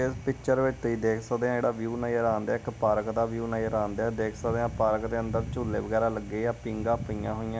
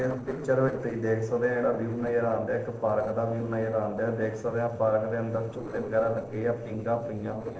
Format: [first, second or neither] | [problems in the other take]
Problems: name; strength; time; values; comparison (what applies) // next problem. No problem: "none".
first | noise reduction (neural separator model SepFormer DNS4)